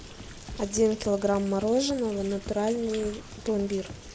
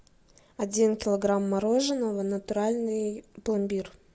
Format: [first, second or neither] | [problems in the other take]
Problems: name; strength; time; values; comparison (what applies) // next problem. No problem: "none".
second | background sound (Rain + Run); 14 dB below the speech